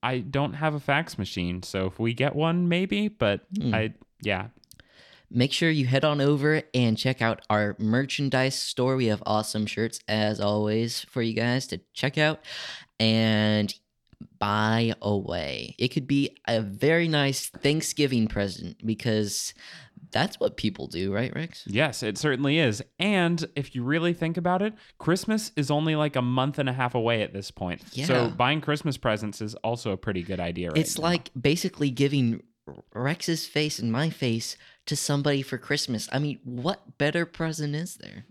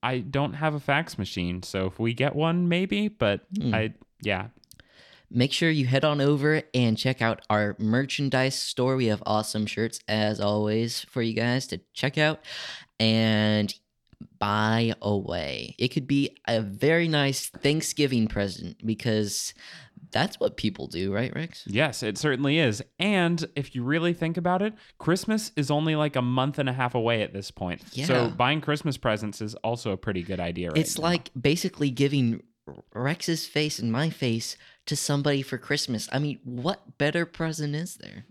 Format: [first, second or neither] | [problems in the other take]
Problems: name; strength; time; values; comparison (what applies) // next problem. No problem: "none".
neither | none